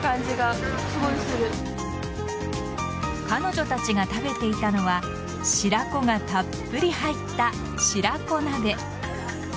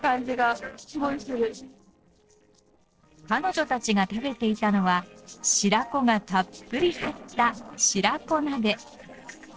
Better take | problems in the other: first | noise reduction (neural separator model SepFormer DNS4)

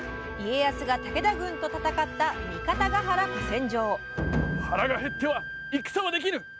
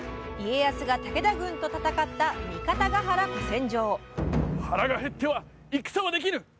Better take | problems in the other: second | background sound (Wind instrument, woodwind instrument); 11 dB below the speech

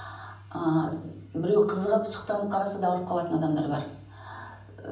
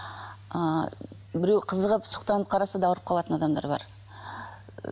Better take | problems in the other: second | room echo; dies away in 0.6 s

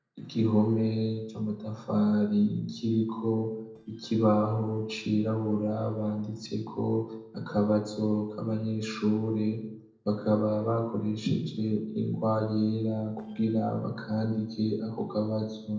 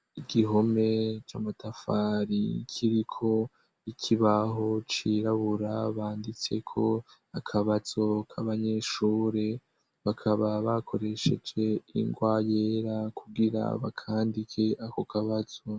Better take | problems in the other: second | noise reduction (neural separator model SepFormer DNS4)

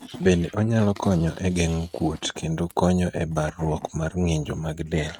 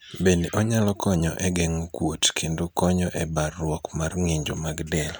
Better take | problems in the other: second | noise reduction (neural mask model RNNoise)

